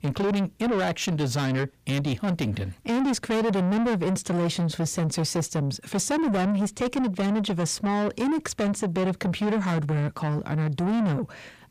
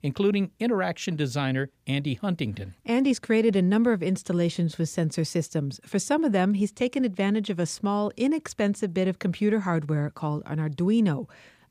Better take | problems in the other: second | distortion; heavy; 8 dB below the speech

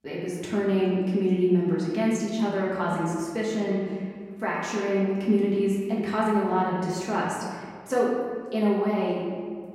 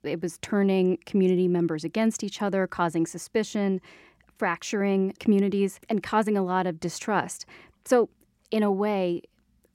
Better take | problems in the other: second | room echo; noticeable; dies away in 1.7 s // off-mic speech; far

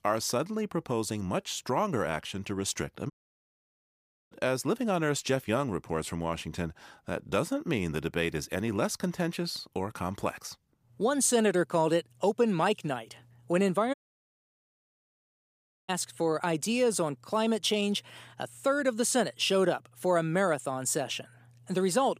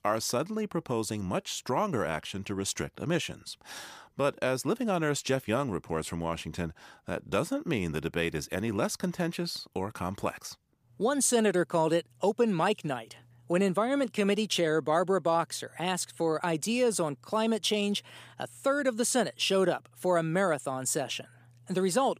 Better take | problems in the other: second | audio cutting out; at 3 s for 1 s and at 14 s for 2 s

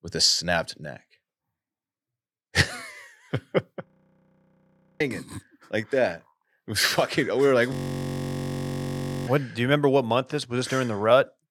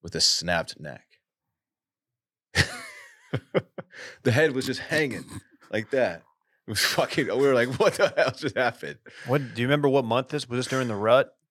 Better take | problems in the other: second | audio freezing; at 4 s for 1 s and at 7.5 s for 1.5 s

